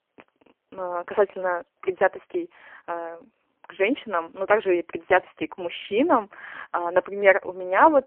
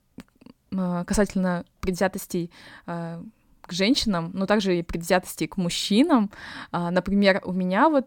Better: second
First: phone-call audio; poor line; nothing above 3 kHz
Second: none

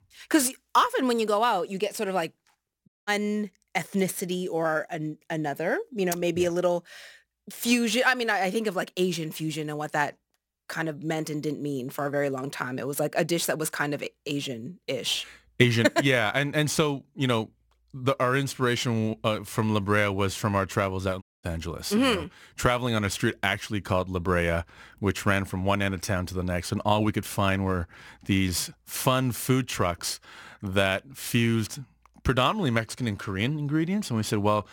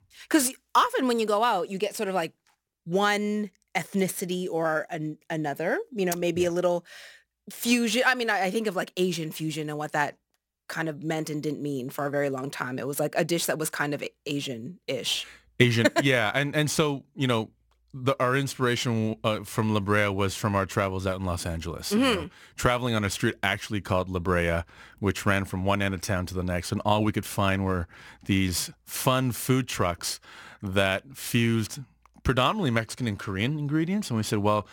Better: second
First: audio cutting out; at 3 s and at 21 s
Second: none

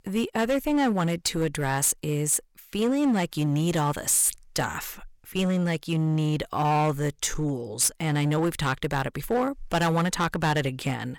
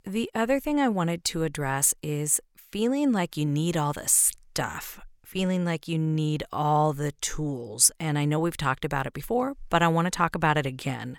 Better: second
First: distortion; slight; 10% of the sound clipped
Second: none

